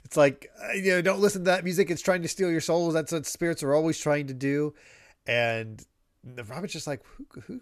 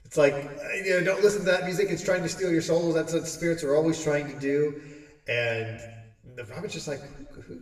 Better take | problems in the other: first | room echo; slight; dies away in 1.1 s // off-mic speech; somewhat distant

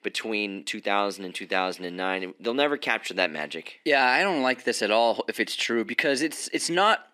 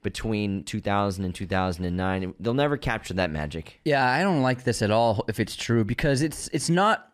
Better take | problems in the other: second | thin; somewhat; fading below 250 Hz

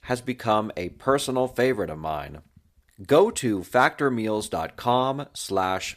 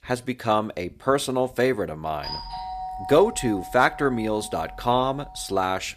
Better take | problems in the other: first | doorbell; noticeable; from 2 s on; peak 8 dB below the speech

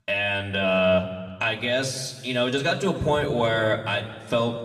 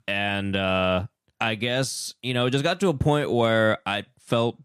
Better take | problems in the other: second | room echo; slight; dies away in 1.5 s // off-mic speech; somewhat distant

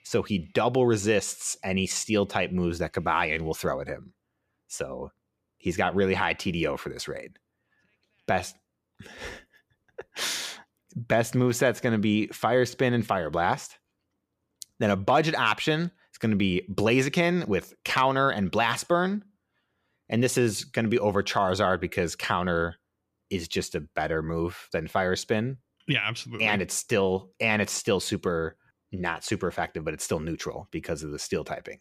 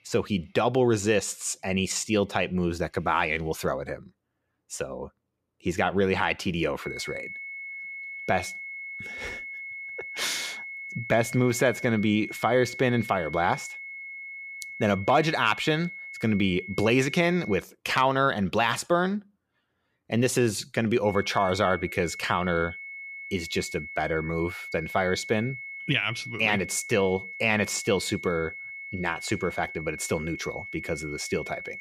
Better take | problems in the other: first | high-pitched whine; noticeable; from 7 to 18 s and from 21 s on; 2 kHz, 10 dB below the speech

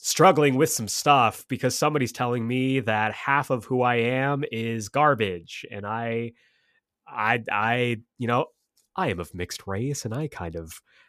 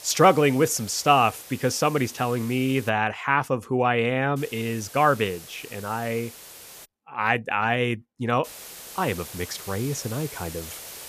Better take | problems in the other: first | hiss; noticeable; until 3 s, from 4.5 to 7 s and from 8.5 s on; 15 dB below the speech

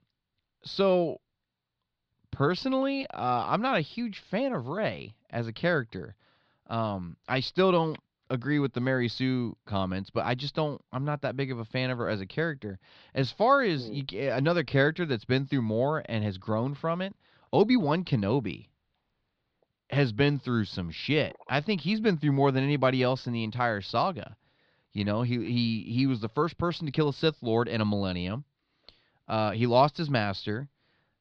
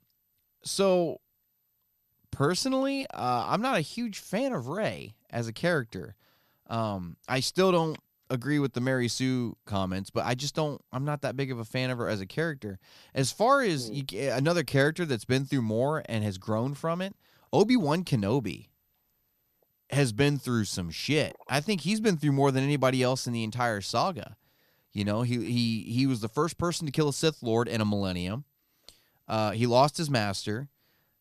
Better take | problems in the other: second | muffled; very slightly; fading above 4 kHz

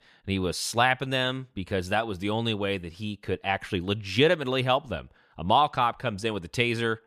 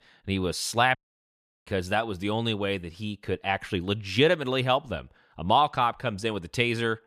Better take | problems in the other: first | audio cutting out; at 1 s for 0.5 s

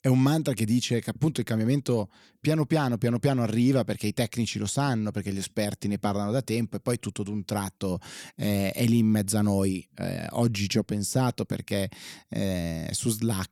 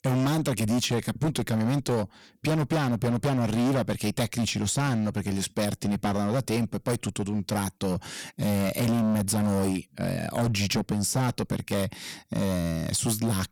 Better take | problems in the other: first | distortion; heavy; 19% of the sound clipped

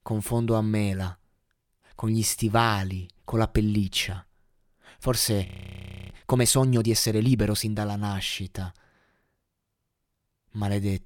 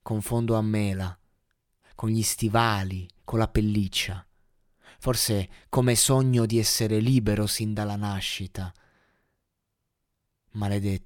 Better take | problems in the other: second | audio freezing; at 5.5 s for 0.5 s

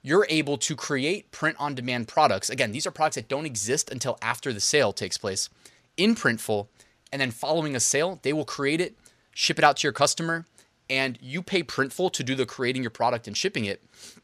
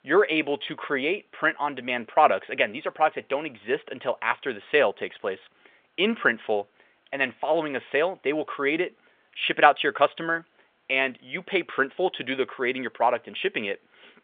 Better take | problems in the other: first | phone-call audio; nothing above 3.5 kHz

